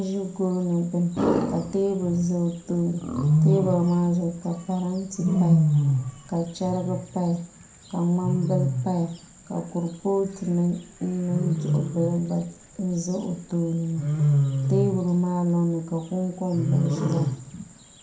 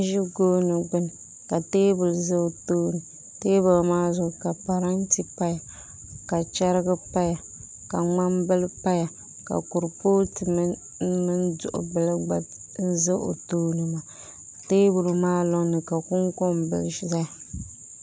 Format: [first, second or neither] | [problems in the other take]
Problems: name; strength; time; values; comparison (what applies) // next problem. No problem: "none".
second | background sound (Wild animals); 1 dB below the speech // room echo; dies away in 0.4 s